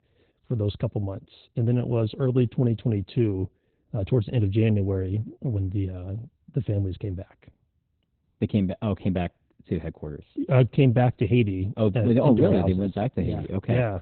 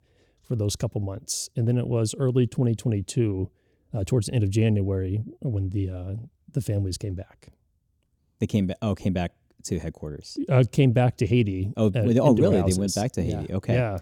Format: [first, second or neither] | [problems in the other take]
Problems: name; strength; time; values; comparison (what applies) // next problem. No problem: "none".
second | garbled, watery; badly; nothing above 4 kHz